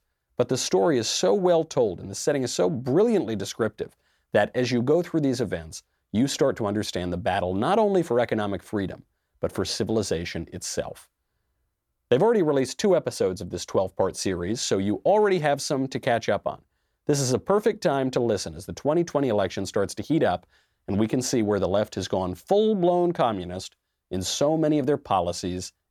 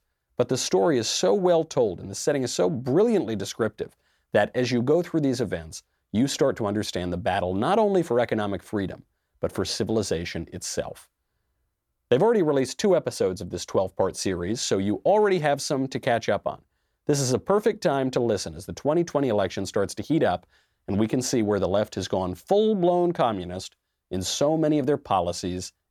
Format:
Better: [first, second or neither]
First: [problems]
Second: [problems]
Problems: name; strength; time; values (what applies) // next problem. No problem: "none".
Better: neither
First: none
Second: none